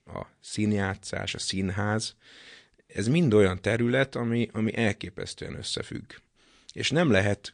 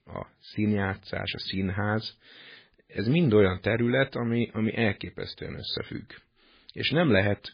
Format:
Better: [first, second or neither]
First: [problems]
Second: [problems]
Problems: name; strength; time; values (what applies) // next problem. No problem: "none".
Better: first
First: garbled, watery; slightly; nothing above 9.5 kHz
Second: garbled, watery; badly